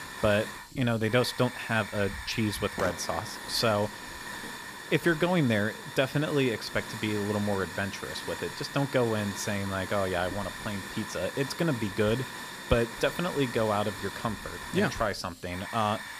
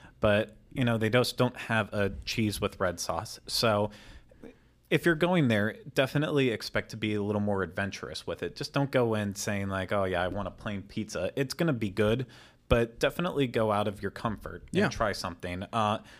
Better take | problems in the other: second | hiss; loud; throughout; 9 dB below the speech

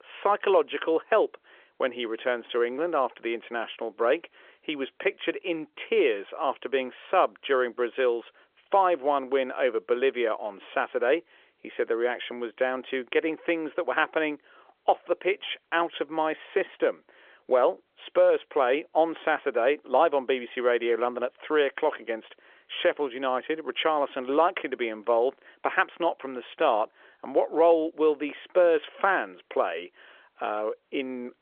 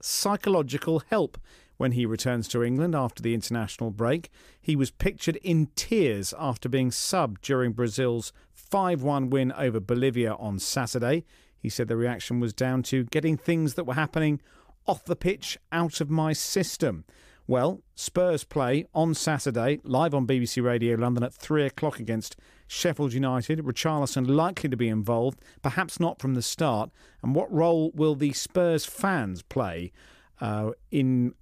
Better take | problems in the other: second | phone-call audio; nothing above 3.5 kHz

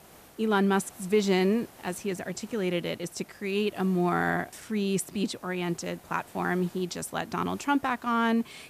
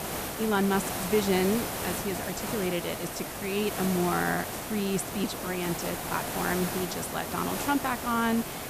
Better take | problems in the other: first | hiss; loud; throughout; 3 dB below the speech; faint in the first

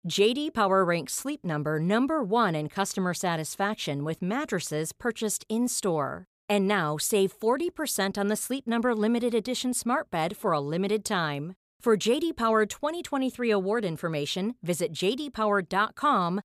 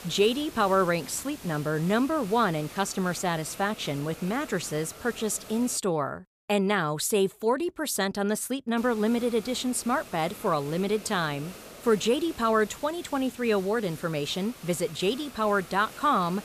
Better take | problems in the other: first | hiss; noticeable; until 6 s and from 9 s on; 15 dB below the speech

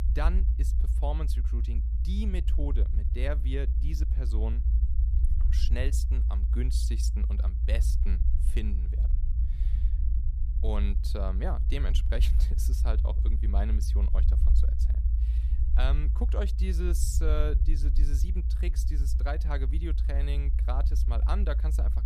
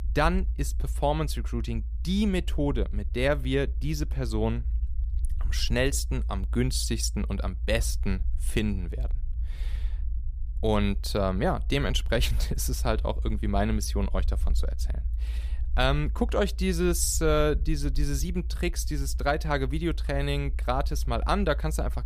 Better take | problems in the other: second | low rumble; loud; throughout; 8 dB below the speech; faint in the second

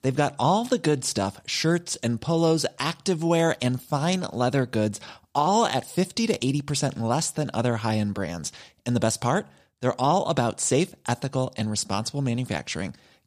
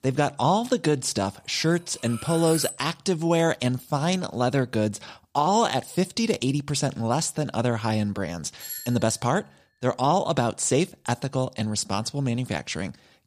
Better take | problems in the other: first | clattering dishes; noticeable; at 2 s; peak 5 dB below the speech // doorbell; noticeable; at 8.5 s; peak 9 dB below the speech

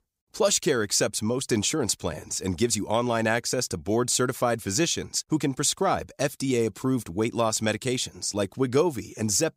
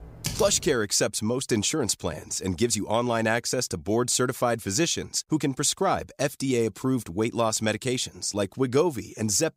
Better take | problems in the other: first | keyboard typing; noticeable; at the start; peak 6 dB below the speech

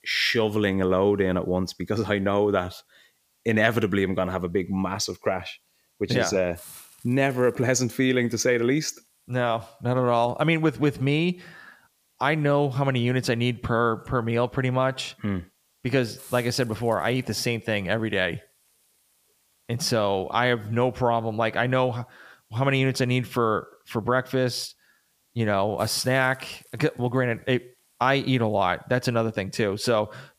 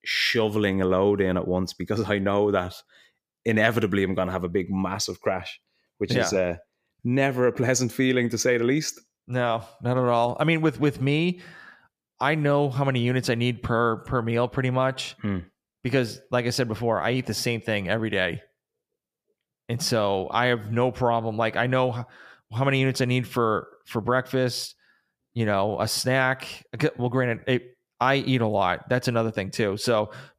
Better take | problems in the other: second | hiss; faint; throughout; 25 dB below the speech

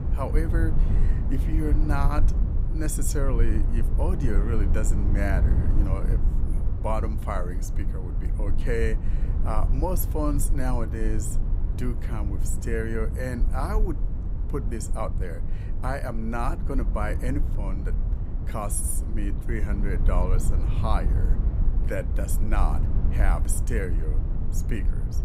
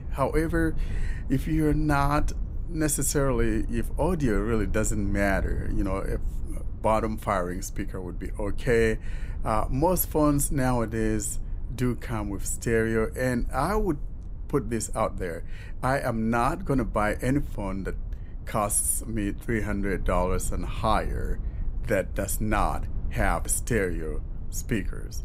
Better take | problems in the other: second | low rumble; loud; throughout; 9 dB below the speech; faint in the second

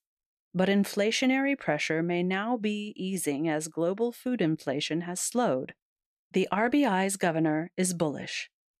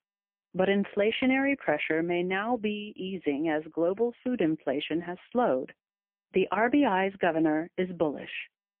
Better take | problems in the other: first | phone-call audio; poor line; nothing above 3 kHz

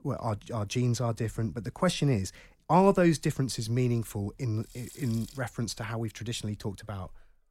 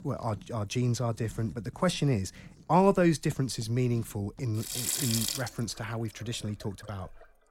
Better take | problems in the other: first | household noises; loud; throughout; 1 dB below the speech; faint in the first

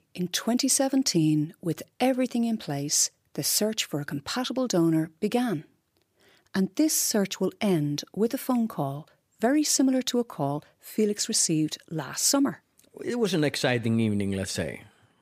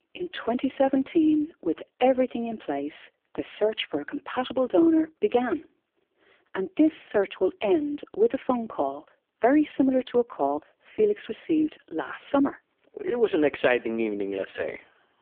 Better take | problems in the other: first | phone-call audio; poor line

